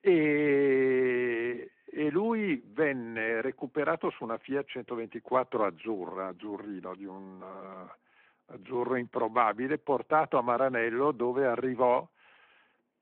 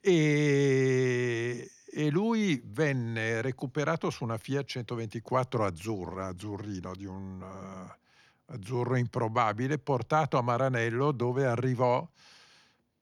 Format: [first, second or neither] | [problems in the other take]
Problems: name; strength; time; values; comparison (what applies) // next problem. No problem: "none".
second | phone-call audio